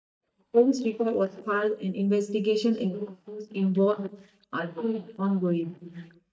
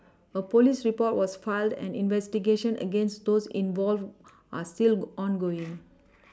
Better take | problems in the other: second | noise reduction (neural mask model DeepFilterNet 3)

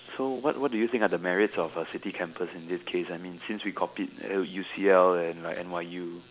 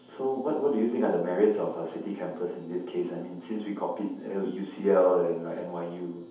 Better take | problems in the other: first | room echo; dies away in 0.8 s

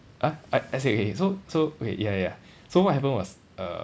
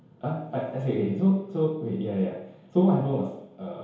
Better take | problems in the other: first | room echo; dies away in 1 s

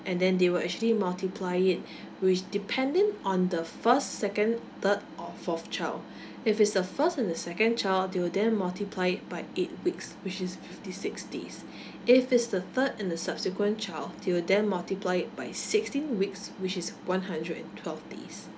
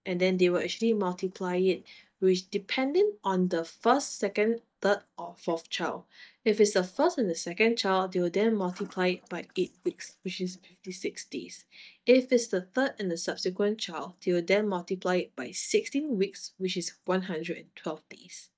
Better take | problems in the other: first | noise reduction (neural mask model DeepFilterNet 3)

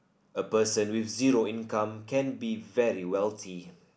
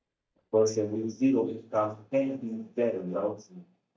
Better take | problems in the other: first | noise reduction (neural mask model DeepFilterNet 3)

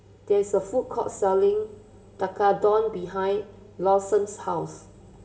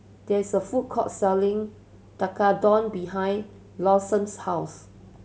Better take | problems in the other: second | room echo; dies away in 1.7 s

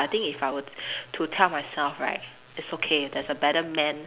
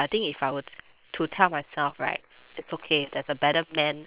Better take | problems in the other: first | noise reduction (neural separator model SepFormer WHAM!)

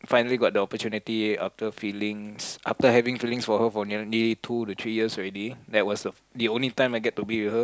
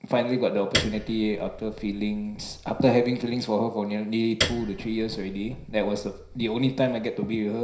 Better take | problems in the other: first | background sound (Piano); 9 dB below the speech // room echo; dies away in 0.5 s

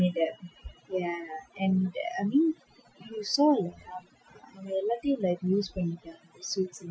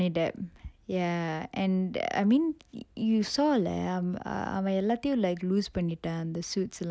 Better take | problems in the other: second | noise reduction (classical method Wiener filter)

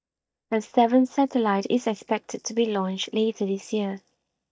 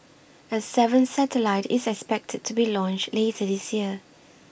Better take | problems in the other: second | noise reduction (neural mask model DeepFilterNet 3)

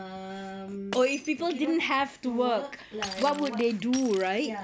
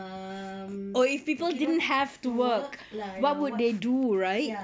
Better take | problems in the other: second | background sound (Shatter); 16 dB below the speech

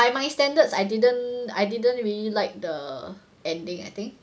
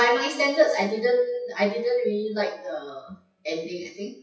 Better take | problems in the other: first | noise reduction (classical method WPE with log-MMSE)

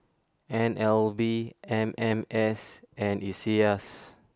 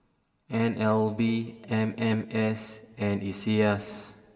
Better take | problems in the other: first | room echo; dies away in 2.3 s

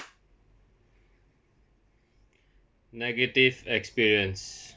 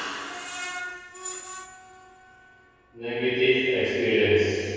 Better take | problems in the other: first | background sound (Screech); 14 dB below the speech // room echo; dies away in 2.2 s

